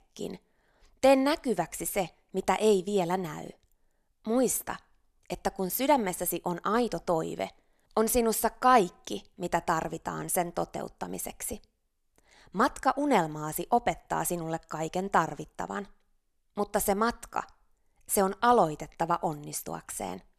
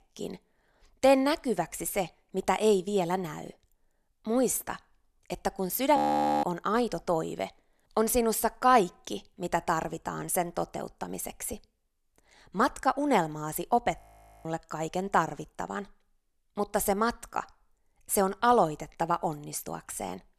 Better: first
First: none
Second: audio freezing; at 6 s and at 14 s

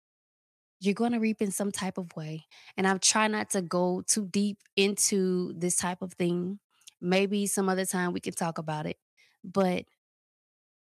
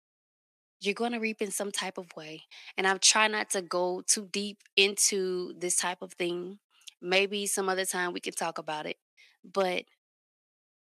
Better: first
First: none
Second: thin; somewhat; fading below 300 Hz

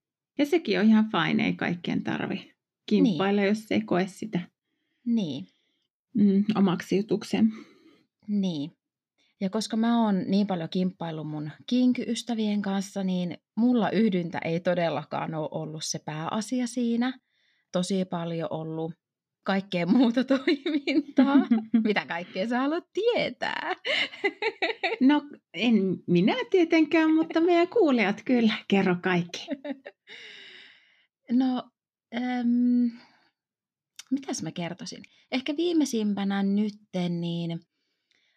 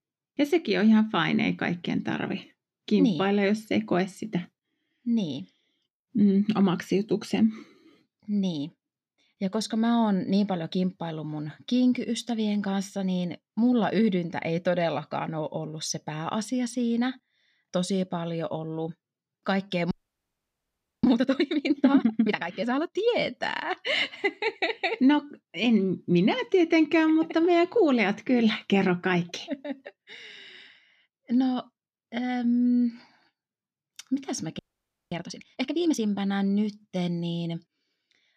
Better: first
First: none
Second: audio freezing; at 20 s for 1 s and at 35 s for 0.5 s

